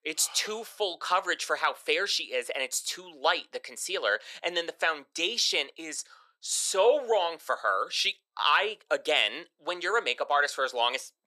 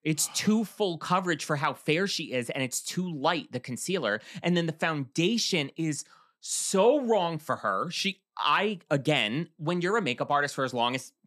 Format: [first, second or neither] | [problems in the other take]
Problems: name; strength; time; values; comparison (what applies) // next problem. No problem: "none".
second | thin; very; fading below 450 Hz